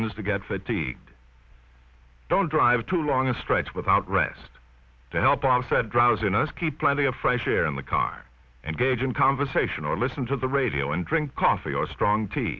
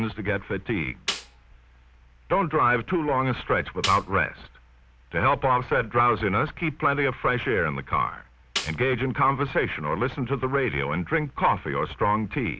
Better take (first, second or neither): first